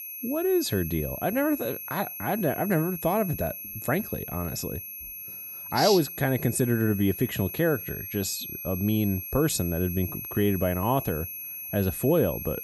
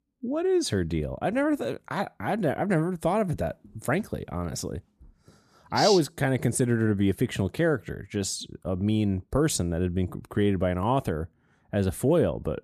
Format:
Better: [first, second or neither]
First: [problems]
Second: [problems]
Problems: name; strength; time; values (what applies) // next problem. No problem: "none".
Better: second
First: high-pitched whine; loud; throughout; 11.5 kHz, 8 dB below the speech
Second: none